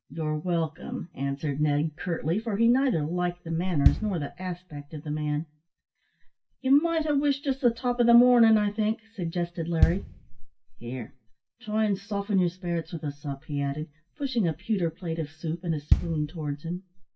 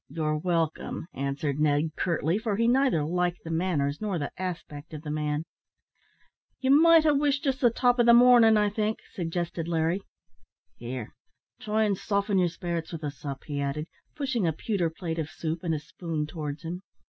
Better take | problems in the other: second | background sound (Bass drum); 1 dB above the speech // room echo; dies away in 0.2 s

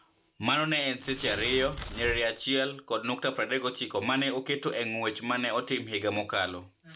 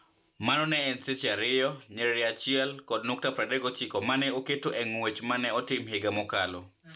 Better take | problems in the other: second | background sound (Tearing); 10 dB below the speech

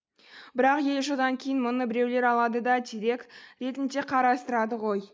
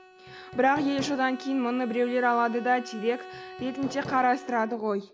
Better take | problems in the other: first | background sound (Bowed string instrument + Hammer); 15 dB below the speech

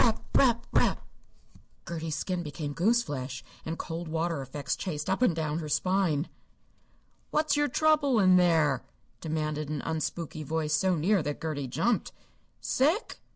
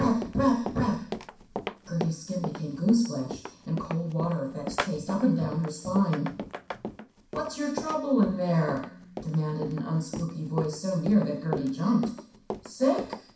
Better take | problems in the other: first | background sound (Run); 10 dB below the speech // room echo; dies away in 0.6 s

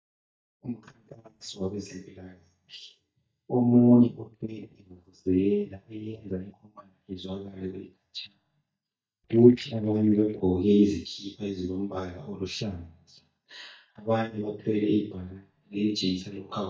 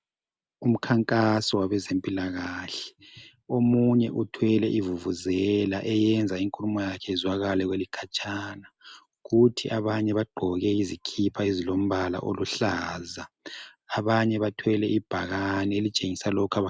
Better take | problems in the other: second | noise reduction (neural mask model DeepFilterNet 3)

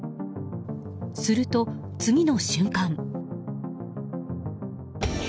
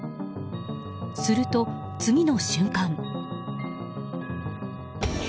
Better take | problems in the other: first | background sound (Chime / Clock); 13 dB below the speech

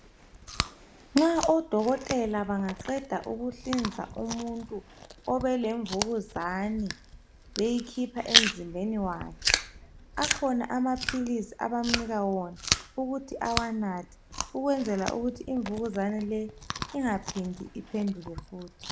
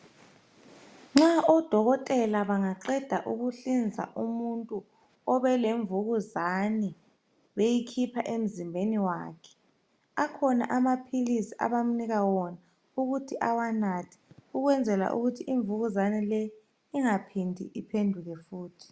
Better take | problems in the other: second | background sound (Chewing, mastication); 4 dB below the speech

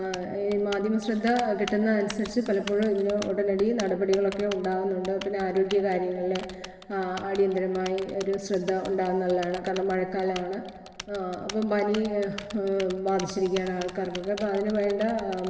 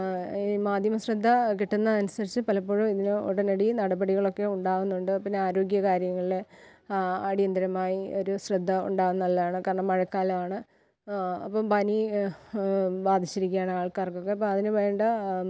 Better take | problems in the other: second | background sound (Typing); 17 dB below the speech // room echo; dies away in 2.1 s

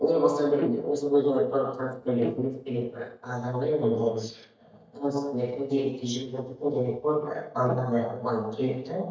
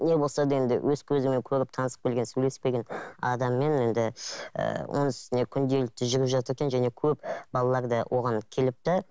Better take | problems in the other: second | noise reduction (neural mask model DeepFilterNet 3)

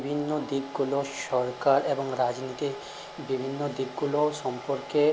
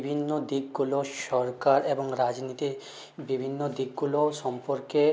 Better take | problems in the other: second | background sound (Domestic sounds, home sounds); 15 dB below the speech

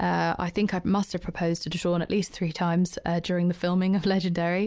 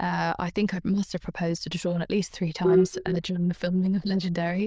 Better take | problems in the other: first | noise reduction (neural diffusion model UNIVERSE++)

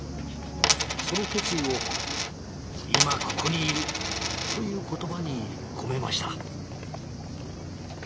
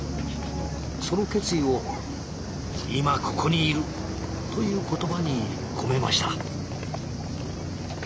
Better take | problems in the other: second | background sound (Coin (dropping)); 3 dB above the speech

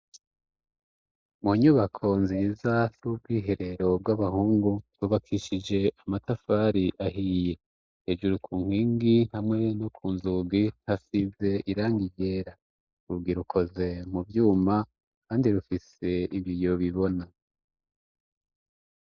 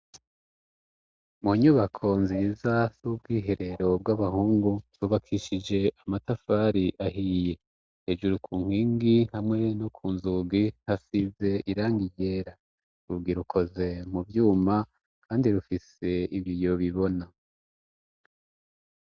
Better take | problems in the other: second | noise reduction (neural mask model Resemble Enhance denoiser)

